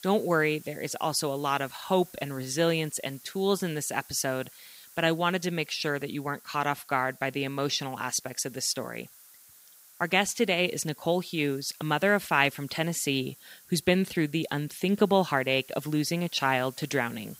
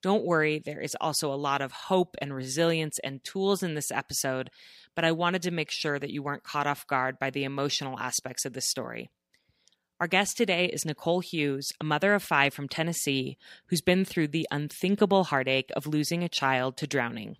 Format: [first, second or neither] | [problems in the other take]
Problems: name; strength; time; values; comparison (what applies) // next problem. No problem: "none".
second | hiss; faint; throughout; 20 dB below the speech